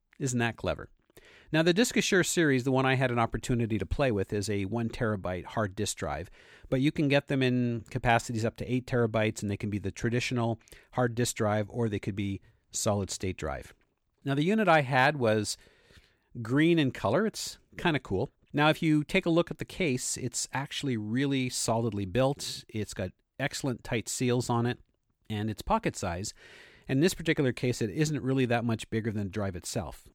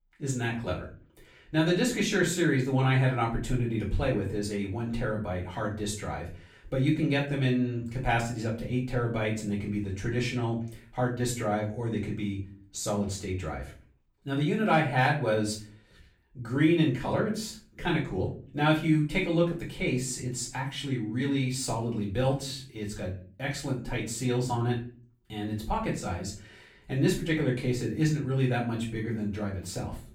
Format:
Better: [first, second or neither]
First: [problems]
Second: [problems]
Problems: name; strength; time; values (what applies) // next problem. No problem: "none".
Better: first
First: none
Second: off-mic speech; far // room echo; slight; dies away in 0.4 s